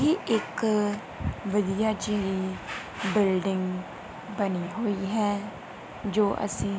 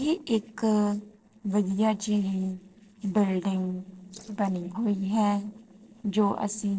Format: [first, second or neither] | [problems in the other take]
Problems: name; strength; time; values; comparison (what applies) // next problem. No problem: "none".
first | noise reduction (neural separator model SepFormer DNS4)